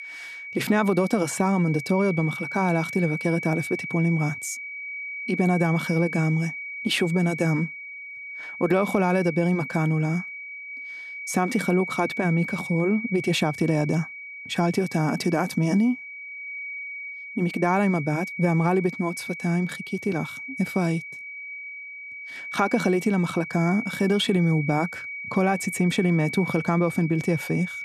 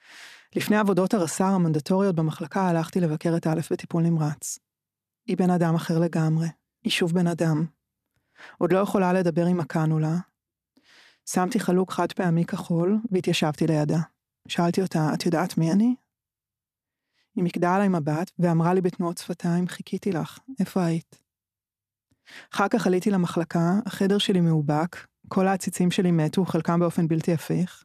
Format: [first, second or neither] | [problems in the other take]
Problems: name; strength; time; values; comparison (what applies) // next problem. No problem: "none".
second | high-pitched whine; loud; throughout; 2.5 kHz, 9 dB below the speech